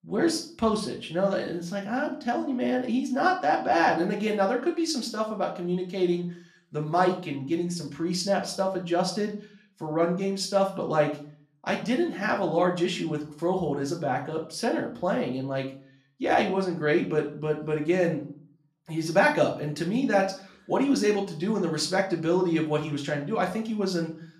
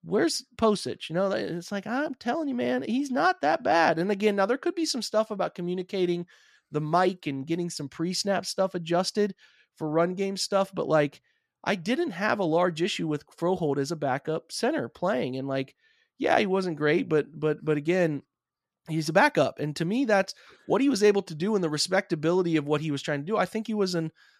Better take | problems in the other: second | room echo; slight; dies away in 0.4 s // off-mic speech; far

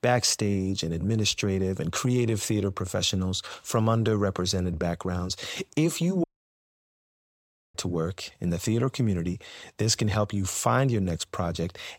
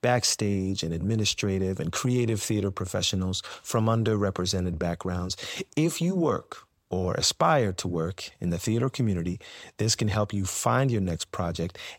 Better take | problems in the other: second | audio cutting out; at 6 s for 1.5 s

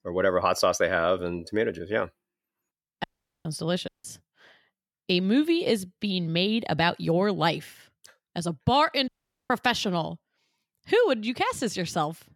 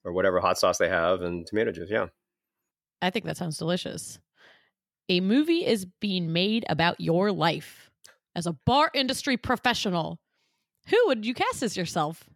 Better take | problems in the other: second | audio cutting out; at 3 s, at 4 s and at 9 s

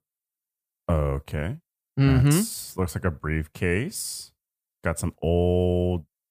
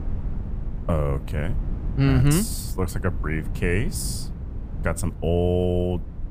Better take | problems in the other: first | wind noise on the microphone; occasional gusts; 15 dB below the speech

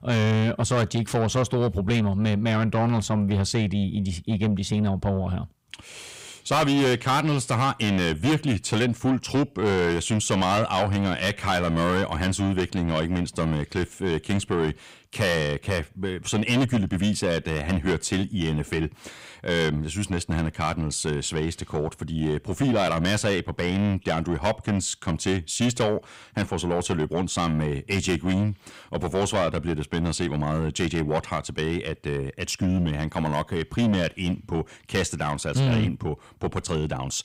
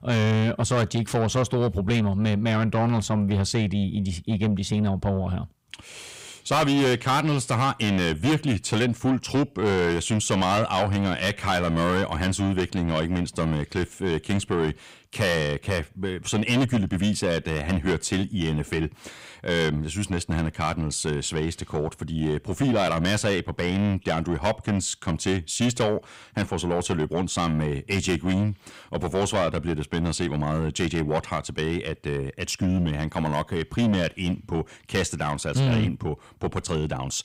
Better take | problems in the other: neither | distortion; heavy; 7 dB below the speech; the same in both

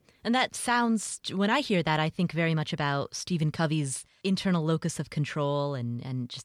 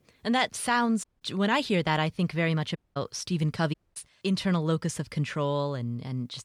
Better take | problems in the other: first | audio cutting out; at 1 s, at 3 s and at 3.5 s

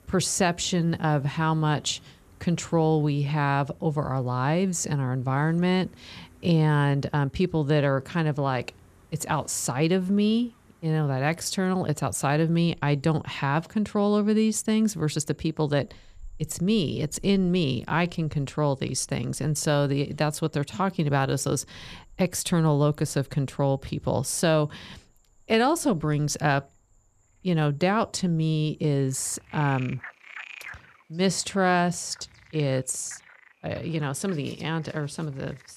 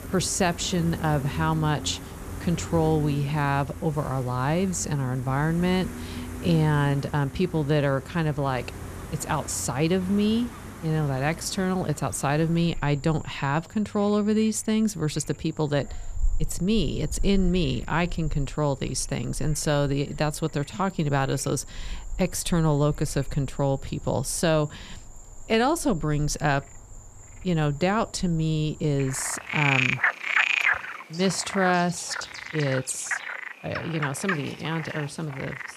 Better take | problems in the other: first | animal sounds; loud; throughout; 7 dB below the speech; faint in the first

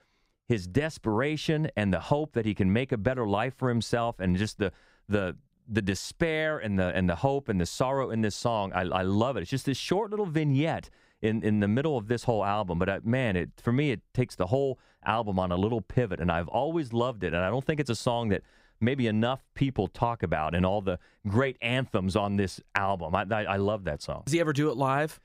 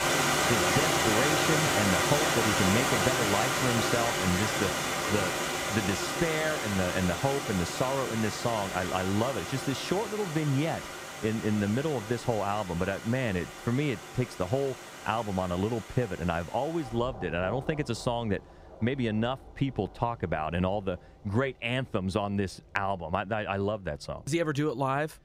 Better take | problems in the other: first | rain or running water; very loud; throughout; 1 dB above the speech

